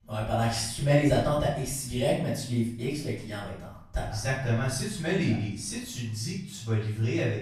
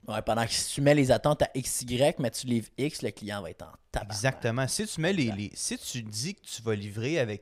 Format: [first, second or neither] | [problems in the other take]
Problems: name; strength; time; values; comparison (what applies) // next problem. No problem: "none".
second | room echo; noticeable; dies away in 0.6 s // off-mic speech; far